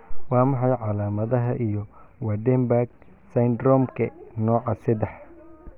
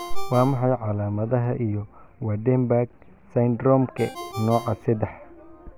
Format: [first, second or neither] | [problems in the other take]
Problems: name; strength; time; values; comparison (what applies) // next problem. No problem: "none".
first | background sound (Ringtone); 18 dB below the speech